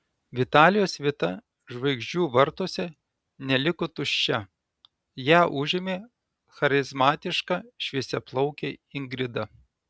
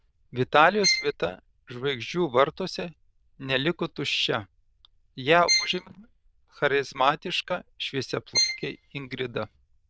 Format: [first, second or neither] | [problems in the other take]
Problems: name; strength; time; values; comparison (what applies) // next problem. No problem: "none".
first | noise reduction (neural diffusion model UNIVERSE++)